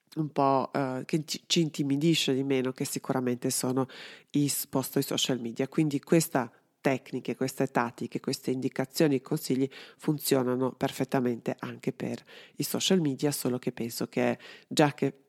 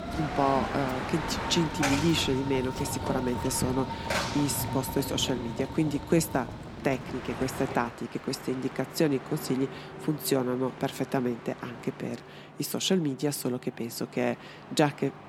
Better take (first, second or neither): first